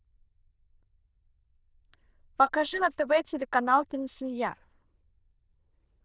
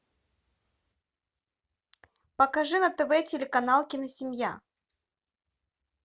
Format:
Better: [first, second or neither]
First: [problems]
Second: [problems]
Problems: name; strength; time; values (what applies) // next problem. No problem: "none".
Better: second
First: noise reduction (neural diffusion model UNIVERSE++)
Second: none